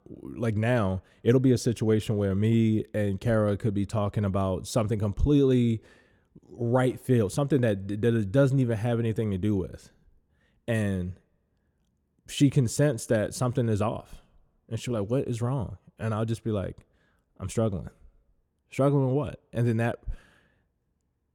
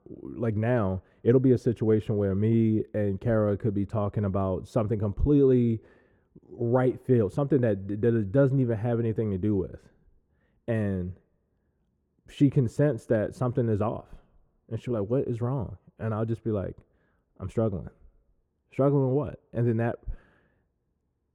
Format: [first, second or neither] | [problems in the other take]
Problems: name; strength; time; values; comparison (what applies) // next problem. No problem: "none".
first | muffled; very; fading above 2.5 kHz